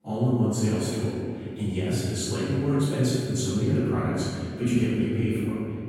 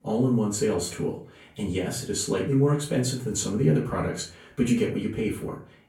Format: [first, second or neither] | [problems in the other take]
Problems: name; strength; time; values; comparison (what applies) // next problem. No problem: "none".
second | room echo; strong; dies away in 2.4 s; slight in the second // off-mic speech; far; far in the second